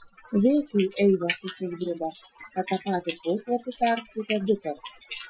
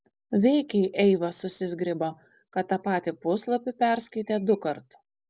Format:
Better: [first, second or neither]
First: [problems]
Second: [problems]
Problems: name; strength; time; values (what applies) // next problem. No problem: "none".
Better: second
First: noise reduction (classical method Wiener filter)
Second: none